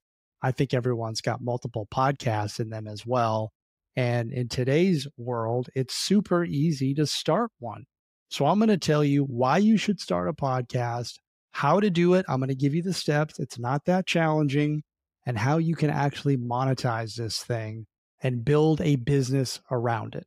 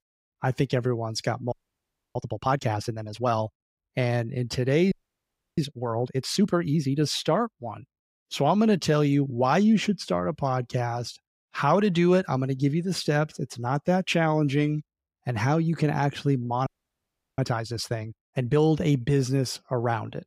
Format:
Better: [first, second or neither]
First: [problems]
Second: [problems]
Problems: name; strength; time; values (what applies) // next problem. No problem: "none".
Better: first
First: none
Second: audio freezing; at 1.5 s for 0.5 s, at 5 s for 0.5 s and at 17 s for 0.5 s